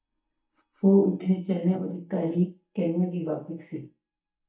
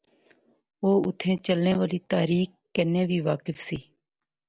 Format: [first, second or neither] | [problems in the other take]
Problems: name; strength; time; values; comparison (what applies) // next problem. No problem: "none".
second | noise reduction (neural mask model DeepFilterNet 3)